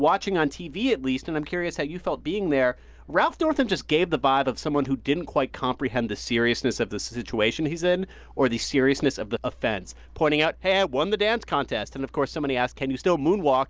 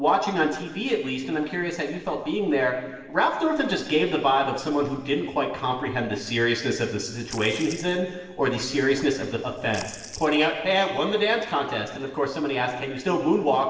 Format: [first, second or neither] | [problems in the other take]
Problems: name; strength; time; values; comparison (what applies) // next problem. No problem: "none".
first | noise reduction (neural separator model SepFormer DNS4)